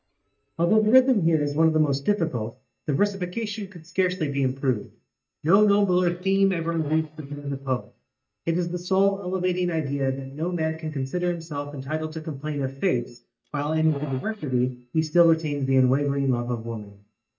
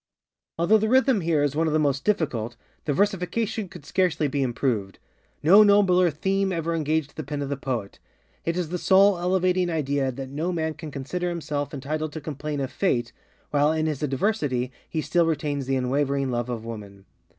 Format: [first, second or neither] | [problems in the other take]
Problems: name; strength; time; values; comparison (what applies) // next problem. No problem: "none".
second | noise reduction (neural mask model DeepFilterNet 3)